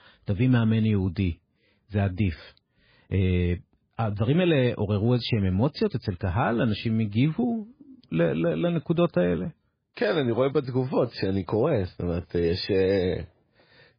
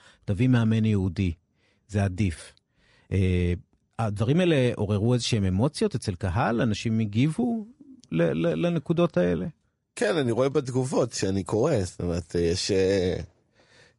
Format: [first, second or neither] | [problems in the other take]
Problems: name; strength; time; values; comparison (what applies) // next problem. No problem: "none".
second | garbled, watery; badly; slightly in the second